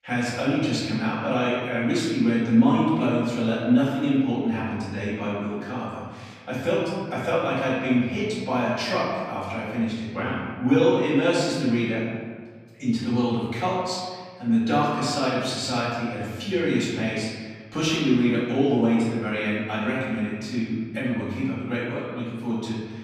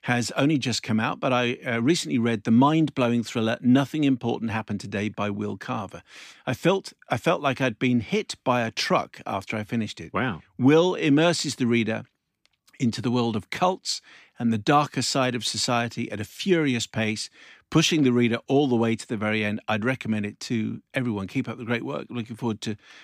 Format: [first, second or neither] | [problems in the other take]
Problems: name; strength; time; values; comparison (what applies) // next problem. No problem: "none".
second | off-mic speech; far // room echo; strong; dies away in 1.5 s